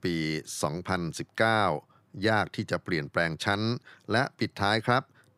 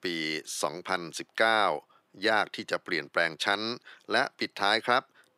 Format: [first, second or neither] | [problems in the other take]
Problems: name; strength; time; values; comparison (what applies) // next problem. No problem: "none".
first | thin; somewhat; fading below 350 Hz